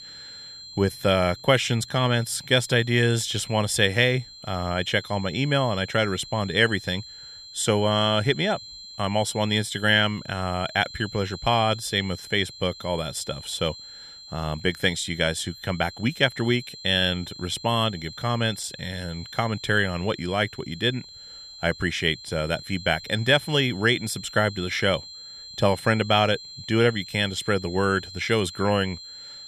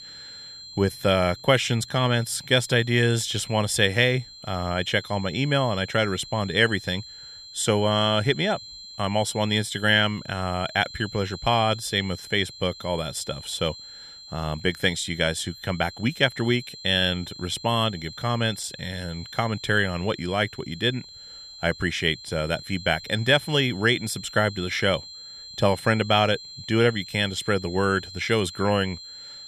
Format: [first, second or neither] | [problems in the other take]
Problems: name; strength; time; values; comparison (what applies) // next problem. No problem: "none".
neither | high-pitched whine; noticeable; throughout; 4 kHz, 15 dB below the speech; the same in both